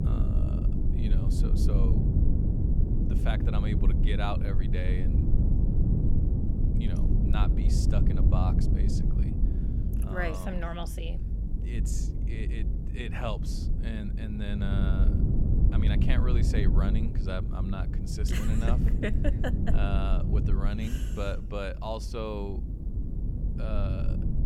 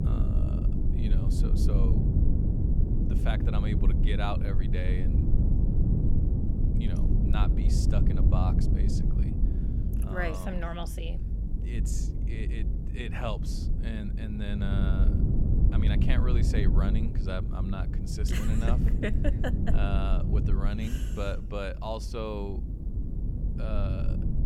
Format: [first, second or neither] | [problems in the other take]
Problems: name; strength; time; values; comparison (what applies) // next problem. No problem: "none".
neither | low rumble; loud; throughout; 3 dB below the speech; the same in both